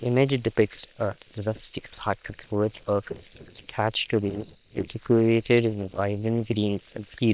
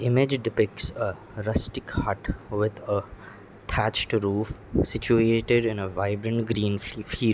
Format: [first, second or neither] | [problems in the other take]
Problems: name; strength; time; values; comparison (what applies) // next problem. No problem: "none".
second | noise reduction (neural separator model SepFormer WHAM!)